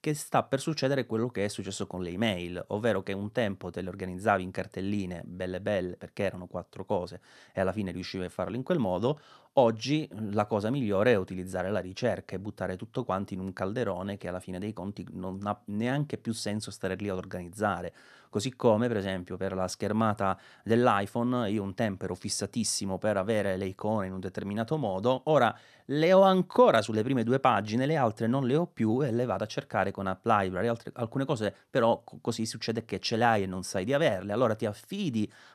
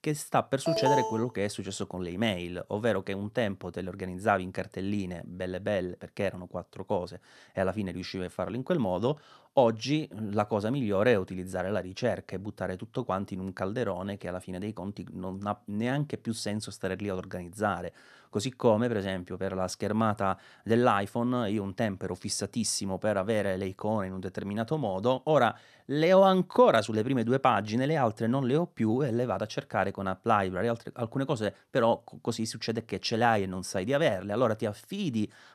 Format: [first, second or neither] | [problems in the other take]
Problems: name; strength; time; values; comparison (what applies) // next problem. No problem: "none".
first | alarm; loud; at 0.5 s; peak 2 dB above the speech